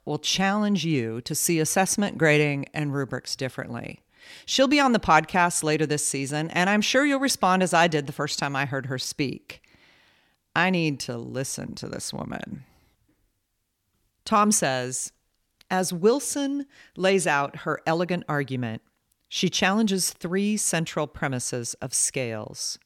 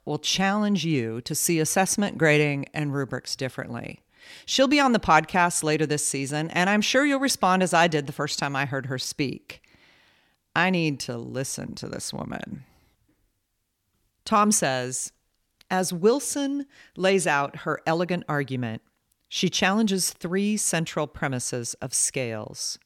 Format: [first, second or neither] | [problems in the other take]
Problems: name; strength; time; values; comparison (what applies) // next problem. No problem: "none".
neither | none